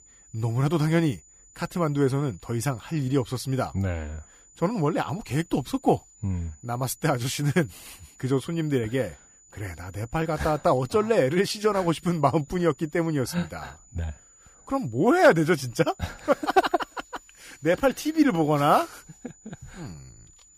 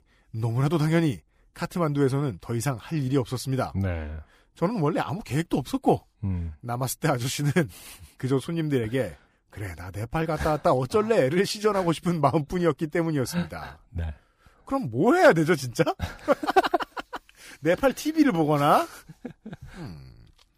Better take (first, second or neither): second